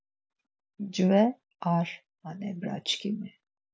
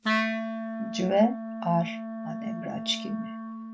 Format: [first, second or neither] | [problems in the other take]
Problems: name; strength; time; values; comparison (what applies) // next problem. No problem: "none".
first | background sound (Wind instrument, woodwind instrument); 2 dB below the speech // room echo; dies away in 0.2 s